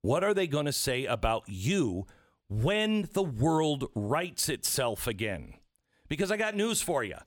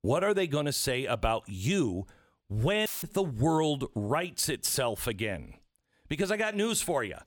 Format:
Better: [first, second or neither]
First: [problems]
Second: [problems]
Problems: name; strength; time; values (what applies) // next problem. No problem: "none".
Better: first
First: none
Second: audio cutting out; filled with static; at 3 s